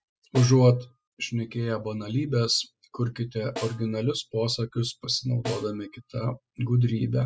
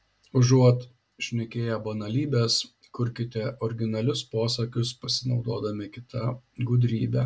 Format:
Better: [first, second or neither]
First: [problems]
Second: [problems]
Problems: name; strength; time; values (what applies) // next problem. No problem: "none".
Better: second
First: noise reduction (classical method spectral subtraction)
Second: none